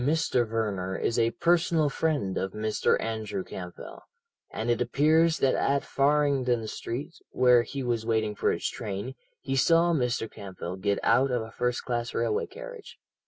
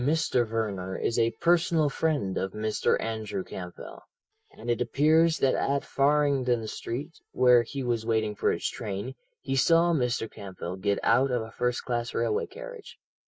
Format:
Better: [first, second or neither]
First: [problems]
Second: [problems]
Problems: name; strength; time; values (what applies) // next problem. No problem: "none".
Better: first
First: none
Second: noise reduction (neural mask model DeepFilterNet 3)